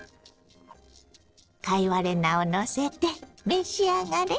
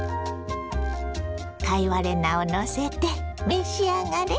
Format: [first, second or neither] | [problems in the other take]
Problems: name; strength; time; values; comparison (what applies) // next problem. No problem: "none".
second | noise reduction (neural separator model SepFormer DNS4)